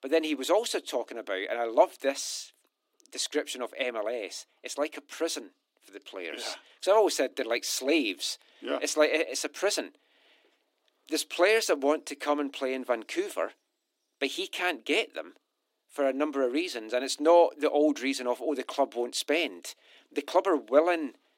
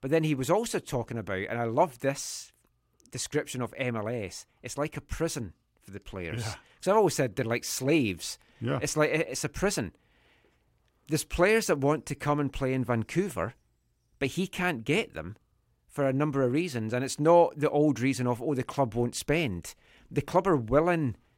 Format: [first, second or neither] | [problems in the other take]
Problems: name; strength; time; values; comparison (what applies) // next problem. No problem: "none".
second | thin; somewhat; fading below 300 Hz